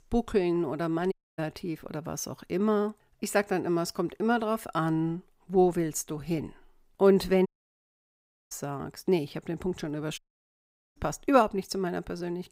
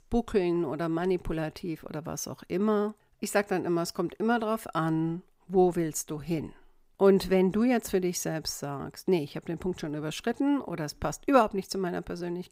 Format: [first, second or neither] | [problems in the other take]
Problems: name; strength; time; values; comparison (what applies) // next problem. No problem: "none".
second | audio cutting out; at 1 s, at 7.5 s for 1 s and at 10 s for 1 s